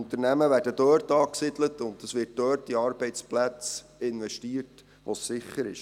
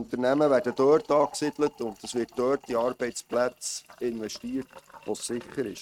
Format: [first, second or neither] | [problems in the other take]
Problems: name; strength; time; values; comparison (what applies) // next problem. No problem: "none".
first | noise reduction (neural mask model RNNoise)